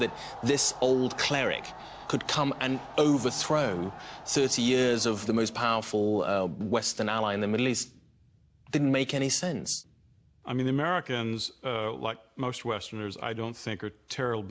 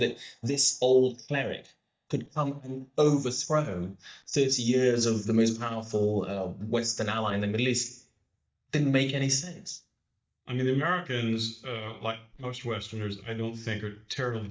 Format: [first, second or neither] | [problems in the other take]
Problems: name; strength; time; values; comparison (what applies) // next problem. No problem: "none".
first | noise reduction (neural mask model DeepFilterNet 3)